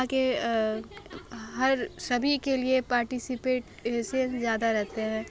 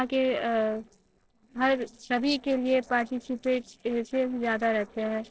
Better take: first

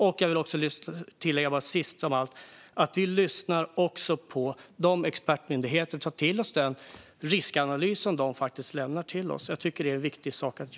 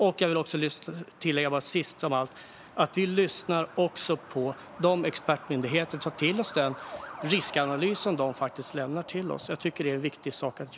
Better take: first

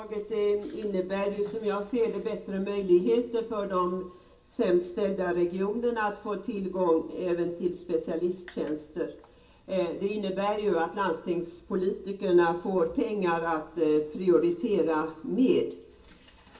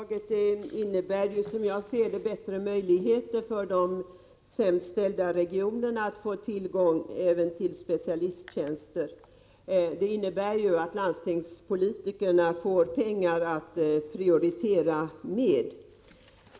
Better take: second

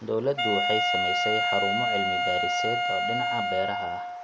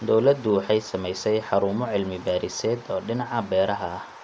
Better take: second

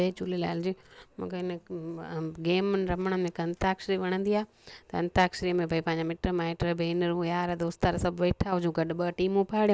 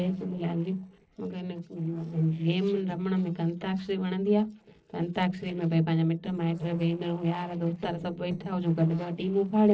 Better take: first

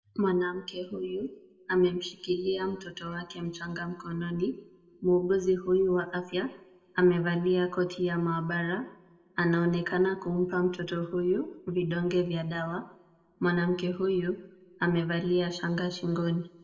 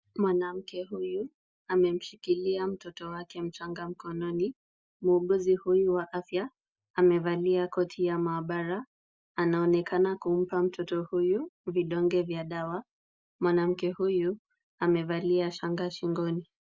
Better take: second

